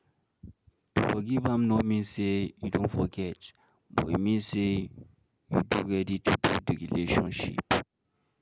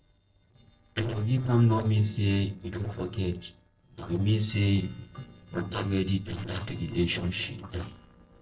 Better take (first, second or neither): first